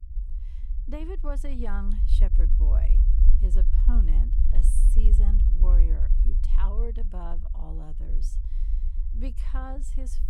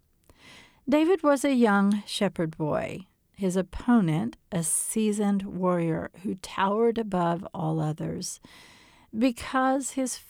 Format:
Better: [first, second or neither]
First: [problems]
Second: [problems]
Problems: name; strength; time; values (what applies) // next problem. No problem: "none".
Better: second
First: low rumble; loud; throughout; 6 dB below the speech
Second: none